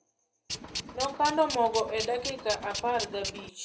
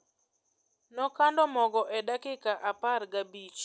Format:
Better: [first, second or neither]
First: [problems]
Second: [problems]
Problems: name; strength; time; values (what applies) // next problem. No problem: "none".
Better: second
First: background sound (Tools); 7 dB below the speech // room echo; dies away in 0.3 s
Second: none